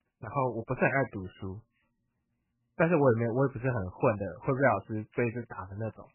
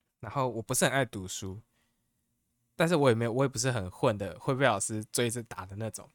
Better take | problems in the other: second | garbled, watery; badly; nothing above 2.5 kHz

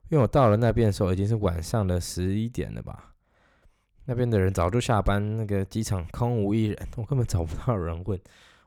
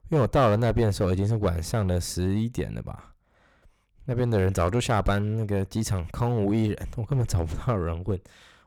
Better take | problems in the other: first | distortion; slight; 5% of the sound clipped

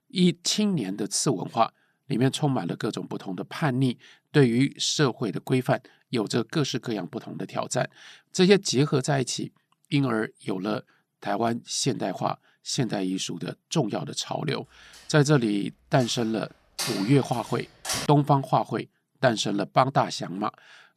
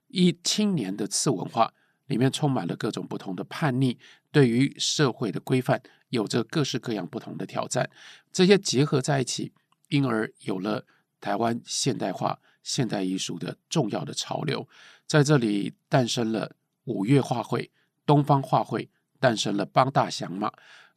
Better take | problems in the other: second | door banging; noticeable; from 16 to 18 s; peak 3 dB below the speech

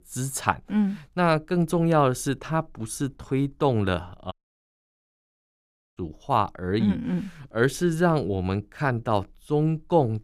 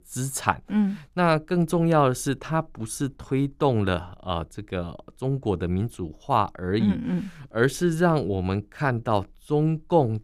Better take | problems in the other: second | audio cutting out; at 4.5 s for 1.5 s

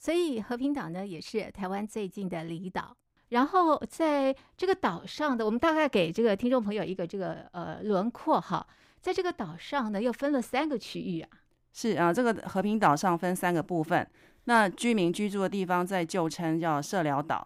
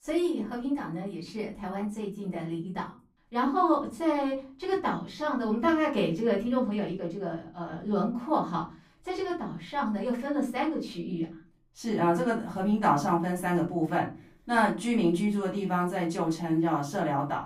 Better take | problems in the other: first | off-mic speech; far // room echo; slight; dies away in 0.3 s

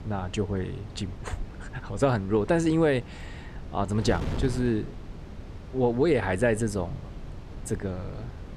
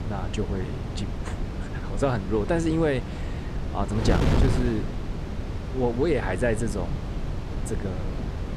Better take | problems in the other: first | wind noise on the microphone; heavy; 7 dB below the speech; occasional gusts in the first

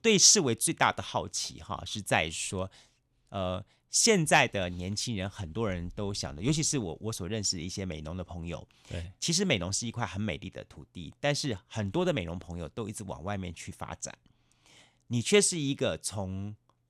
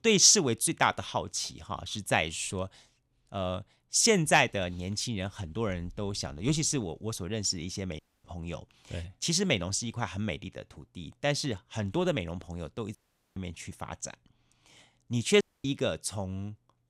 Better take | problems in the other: first | audio cutting out; at 8 s, at 13 s and at 15 s

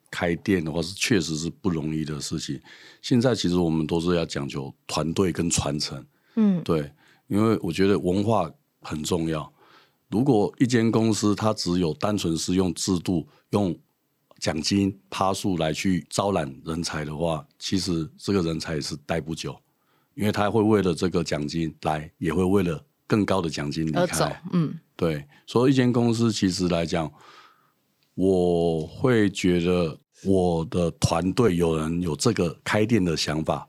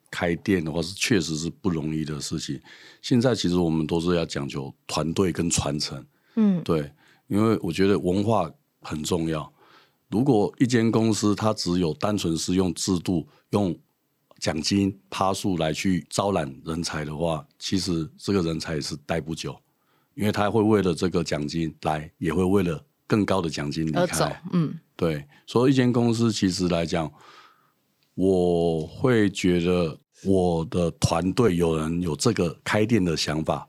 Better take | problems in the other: neither | none

